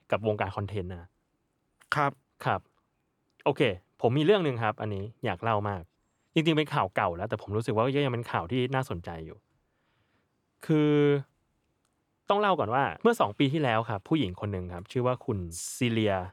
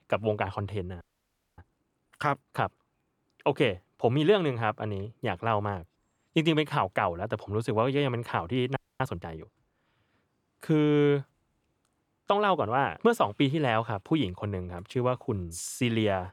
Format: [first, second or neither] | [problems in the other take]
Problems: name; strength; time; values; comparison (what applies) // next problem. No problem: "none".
first | audio freezing; at 1 s for 0.5 s and at 9 s